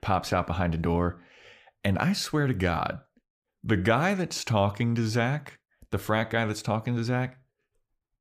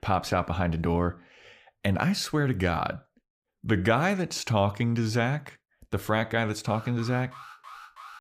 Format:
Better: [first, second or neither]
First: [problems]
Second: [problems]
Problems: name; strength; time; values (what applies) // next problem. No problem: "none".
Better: first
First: none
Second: alarm; faint; from 6.5 s on; peak 15 dB below the speech